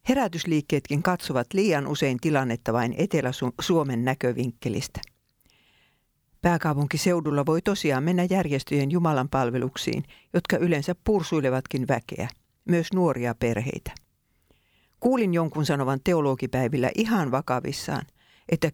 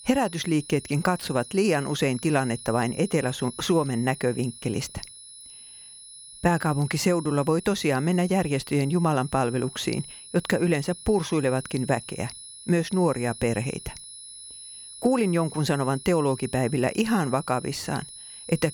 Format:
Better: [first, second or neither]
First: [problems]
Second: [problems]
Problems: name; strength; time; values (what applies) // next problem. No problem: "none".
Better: first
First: none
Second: high-pitched whine; noticeable; throughout; 10.5 kHz, 15 dB below the speech